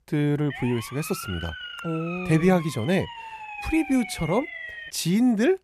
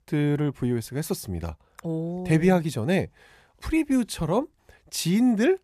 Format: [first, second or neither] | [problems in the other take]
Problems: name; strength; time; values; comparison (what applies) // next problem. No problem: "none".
second | siren; noticeable; until 5 s; peak 10 dB below the speech